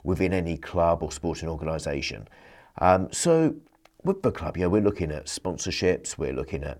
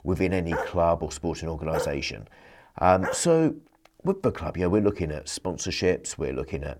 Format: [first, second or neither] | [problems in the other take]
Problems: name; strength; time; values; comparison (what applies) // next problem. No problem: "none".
first | dog barking; noticeable; from 0.5 to 3 s; peak 6 dB below the speech